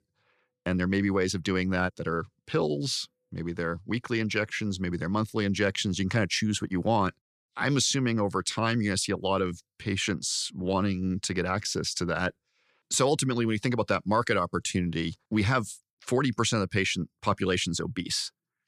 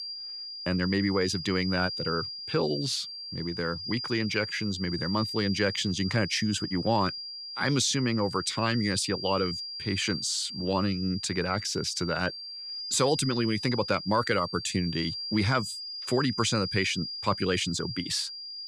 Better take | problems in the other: first | high-pitched whine; loud; throughout; 5 kHz, 6 dB below the speech

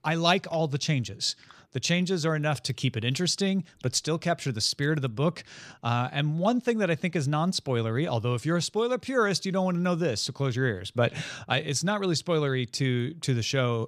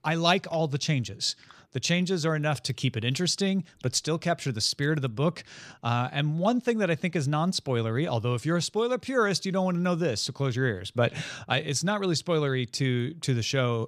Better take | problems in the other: neither | none

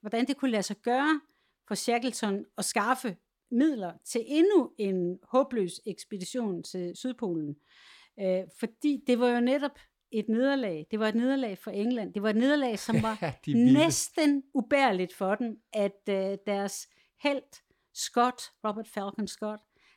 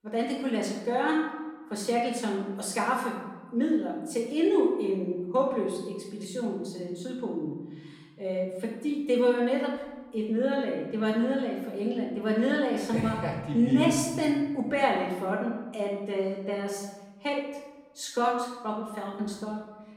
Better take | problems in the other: first | off-mic speech; far // room echo; noticeable; dies away in 1.1 s

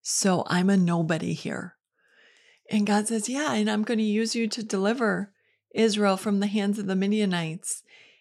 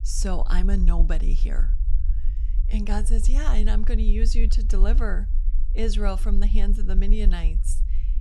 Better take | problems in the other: first | low rumble; noticeable; throughout; 15 dB below the speech

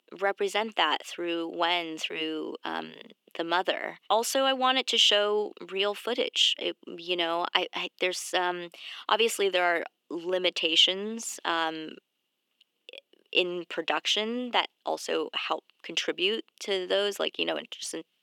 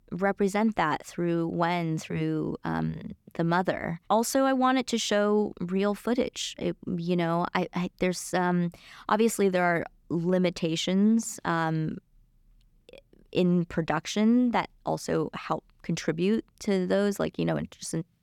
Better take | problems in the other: second | thin; somewhat; fading below 350 Hz

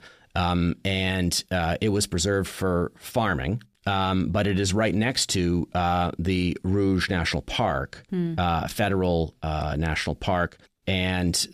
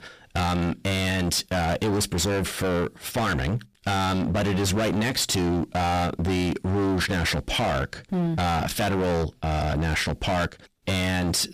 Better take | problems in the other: first | distortion; heavy; 33% of the sound clipped

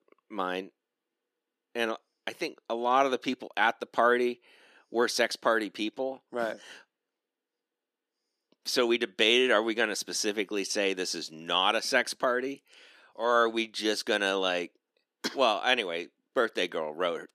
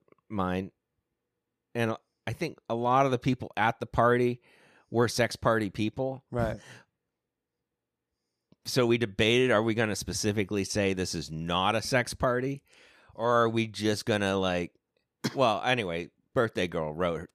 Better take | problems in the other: second | thin; somewhat; fading below 250 Hz

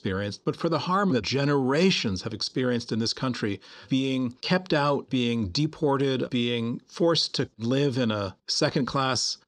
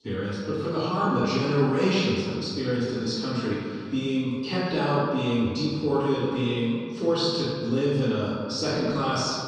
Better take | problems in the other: first | room echo; strong; dies away in 1.8 s // off-mic speech; far

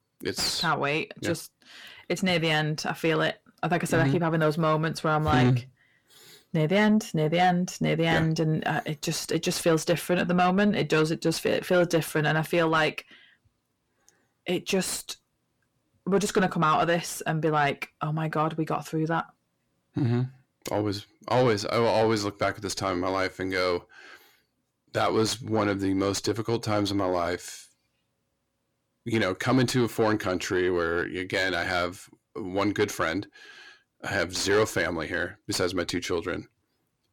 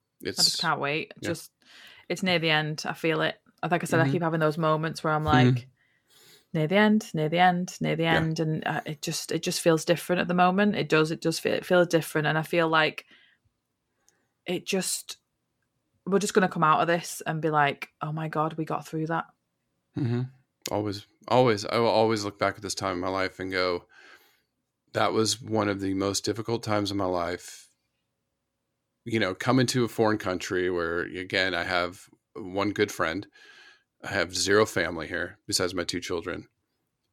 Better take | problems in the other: second | distortion; slight; 10 dB below the speech

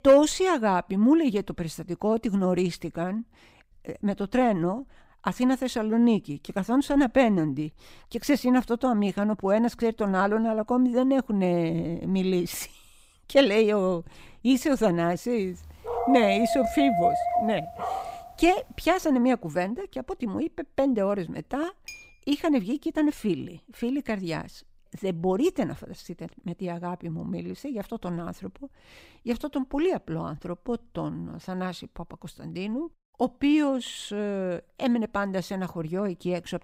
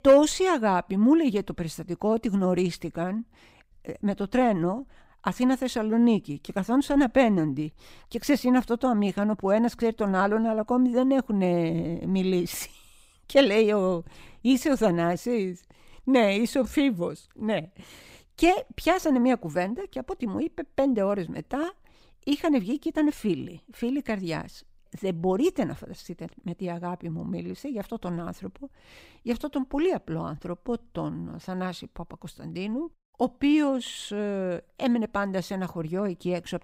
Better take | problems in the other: second | dog barking; loud; from 16 to 18 s; peak 2 dB above the speech // clattering dishes; faint; at 22 s; peak 15 dB below the speech

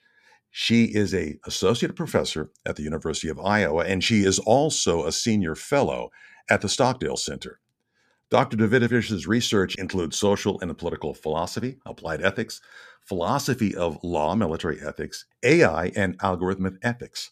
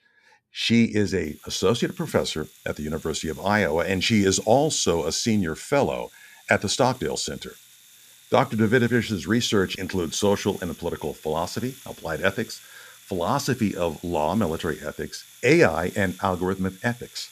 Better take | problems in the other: first | household noises; faint; throughout; 20 dB below the speech

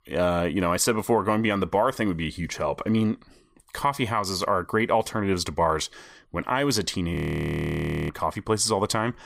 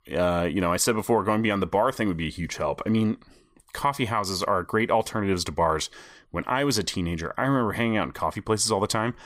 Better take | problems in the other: second | audio freezing; at 7 s for 1 s

